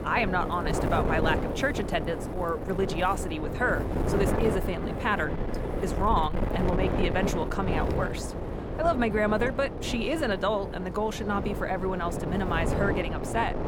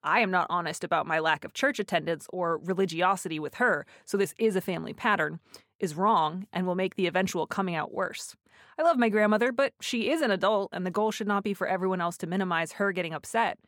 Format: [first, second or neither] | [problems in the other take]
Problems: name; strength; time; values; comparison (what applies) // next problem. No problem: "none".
second | wind noise on the microphone; heavy; 5 dB below the speech